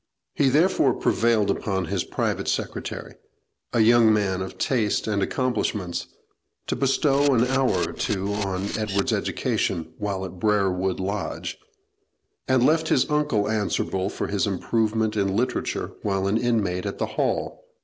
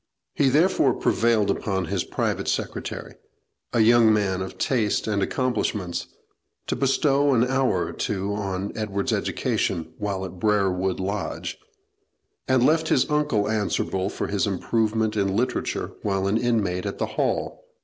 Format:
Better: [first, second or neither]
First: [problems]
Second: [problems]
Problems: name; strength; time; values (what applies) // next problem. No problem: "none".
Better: second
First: background sound (Camera); 11 dB below the speech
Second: none